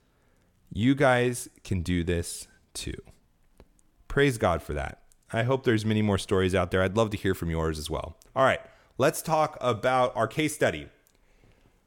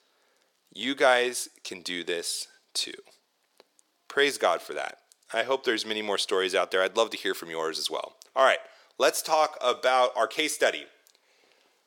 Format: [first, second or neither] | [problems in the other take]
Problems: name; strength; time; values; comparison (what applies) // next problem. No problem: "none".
first | thin; very; fading below 400 Hz